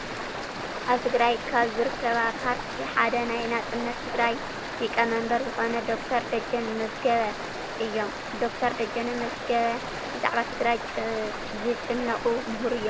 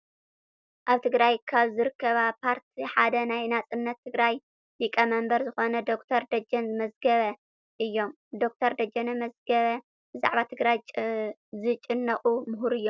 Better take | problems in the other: second | background sound (Stream); 6 dB below the speech

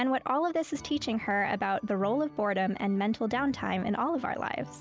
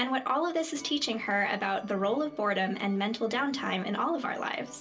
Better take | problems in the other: first | room echo; dies away in 0.2 s

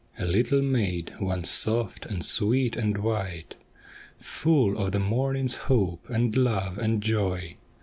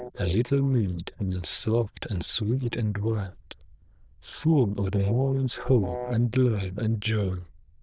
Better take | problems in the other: first | noise reduction (neural diffusion model UNIVERSE++)

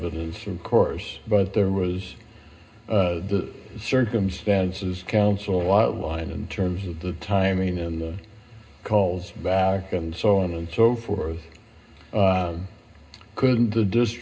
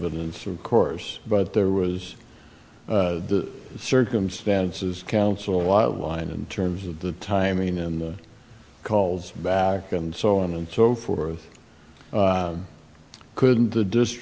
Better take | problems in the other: second | room echo; dies away in 0.2 s

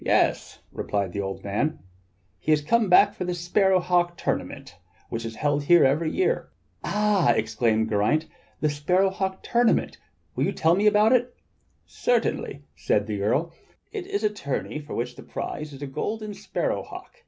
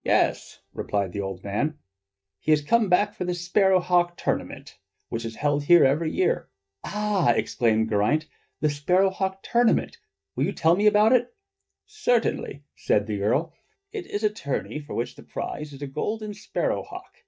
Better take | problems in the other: first | noise reduction (neural mask model DeepFilterNet 3)

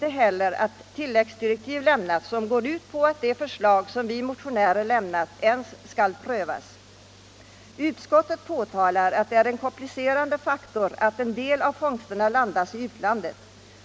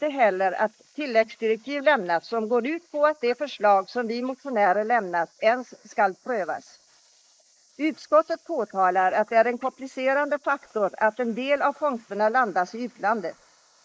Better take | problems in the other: first | noise reduction (neural mask model Resemble Enhance denoiser)

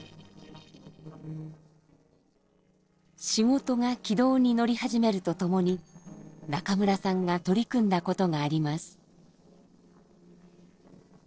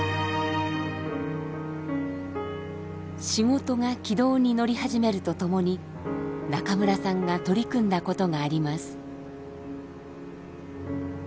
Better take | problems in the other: second | noise reduction (neural separator model SepFormer DNS4)

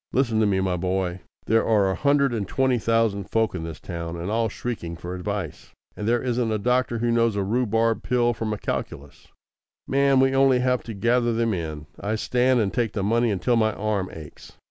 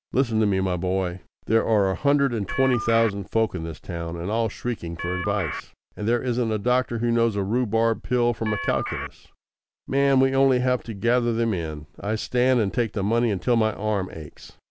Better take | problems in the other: first | background sound (Telephone); 7 dB below the speech

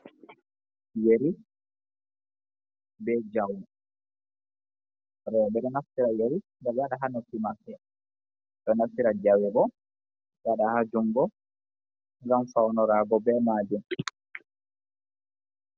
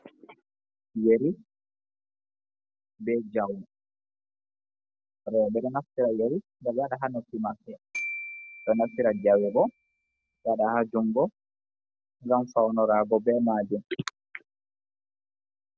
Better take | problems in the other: first | background sound (Glockenspiel); 13 dB below the speech

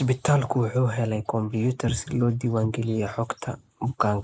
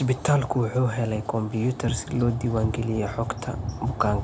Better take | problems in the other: second | noise reduction (neural mask model Resemble Enhance denoiser)

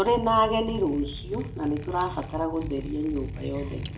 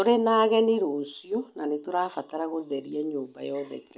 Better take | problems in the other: second | background sound (Liquid); 9 dB below the speech // room echo; dies away in 0.5 s

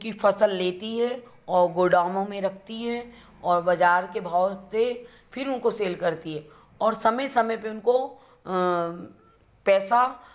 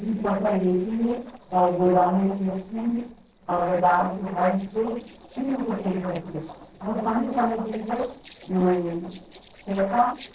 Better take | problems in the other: first | noise reduction (neural separator model SepFormer DNS4)

